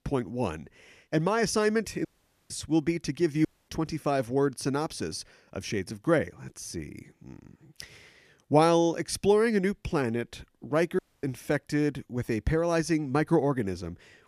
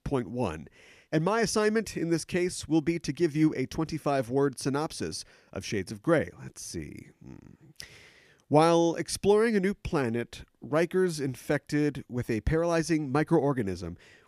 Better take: second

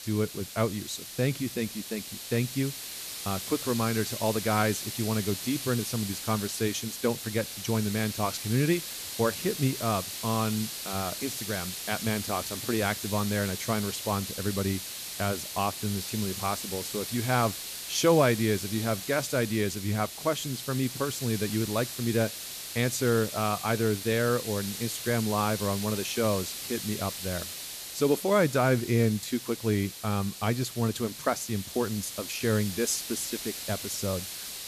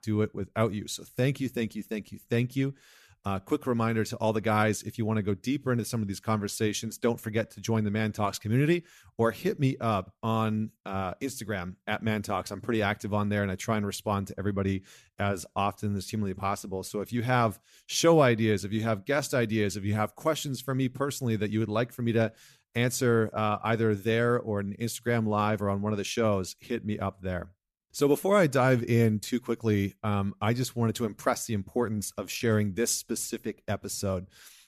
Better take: second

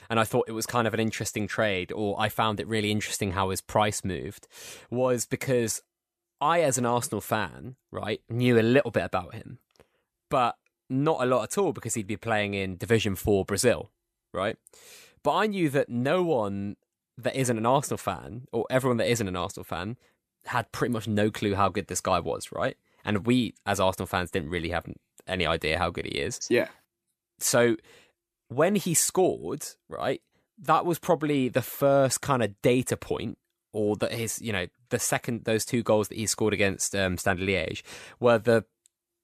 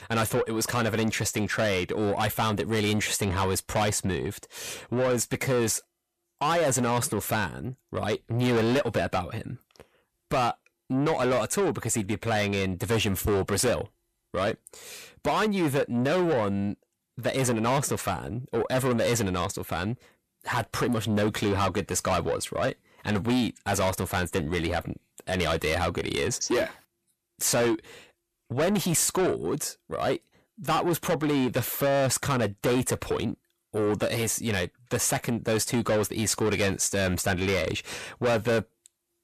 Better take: first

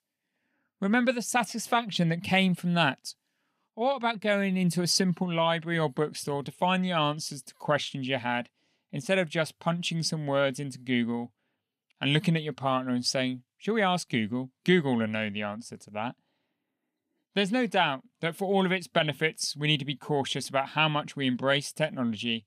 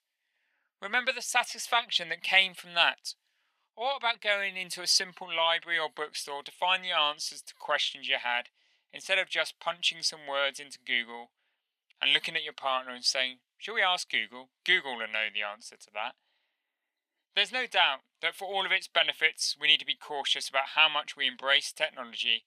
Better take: first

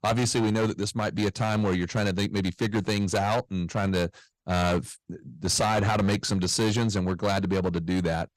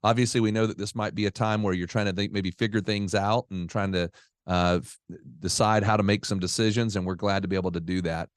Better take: second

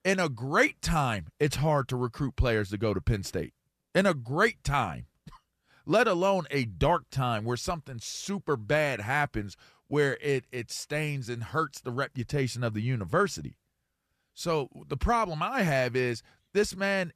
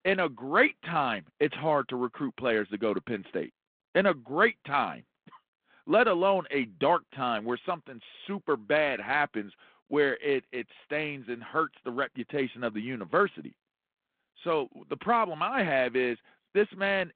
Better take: first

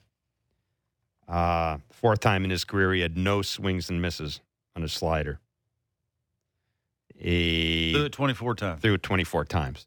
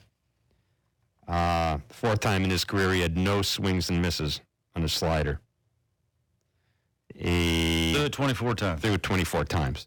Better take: first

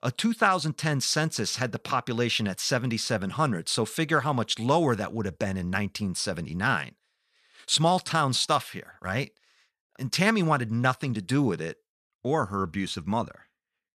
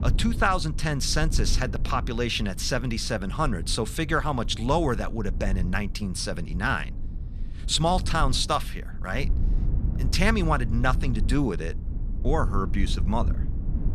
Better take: first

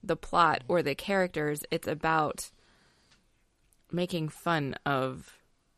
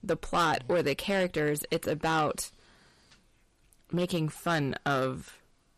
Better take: first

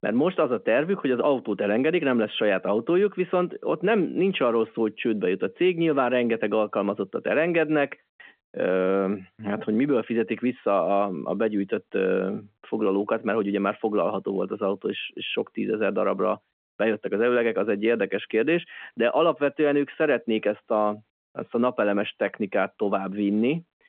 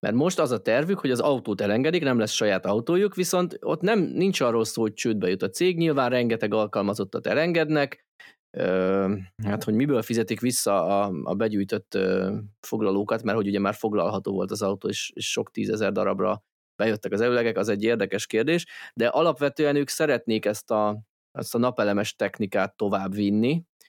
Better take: second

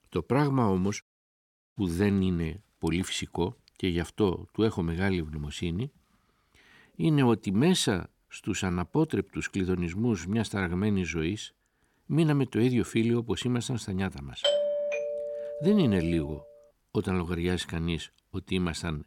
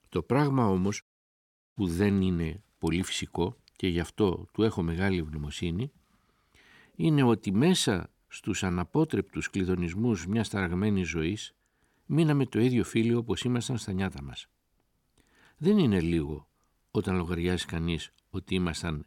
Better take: second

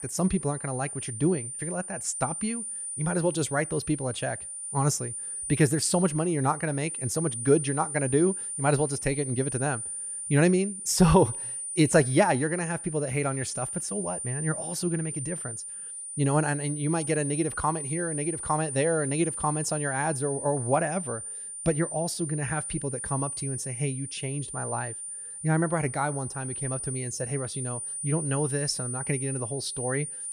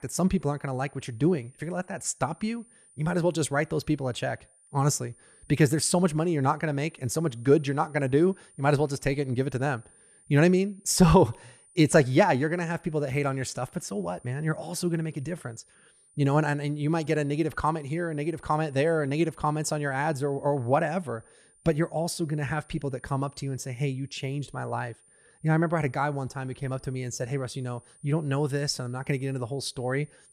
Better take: second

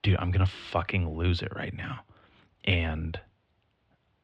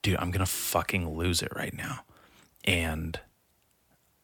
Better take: second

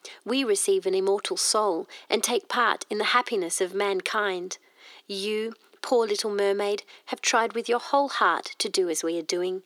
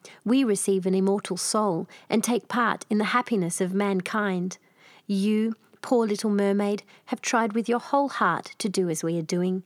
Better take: second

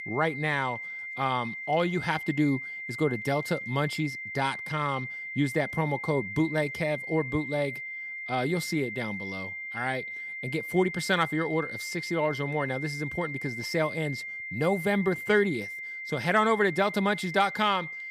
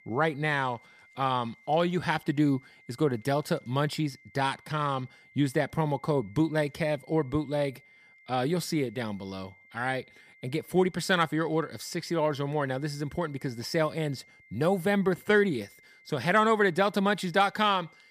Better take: second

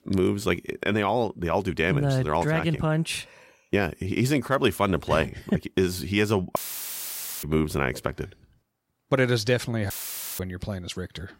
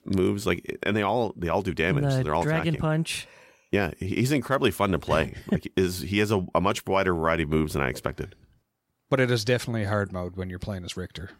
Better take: second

